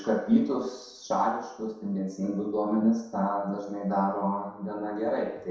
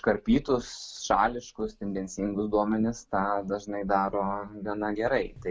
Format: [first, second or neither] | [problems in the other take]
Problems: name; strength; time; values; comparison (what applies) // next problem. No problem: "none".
second | room echo; dies away in 0.7 s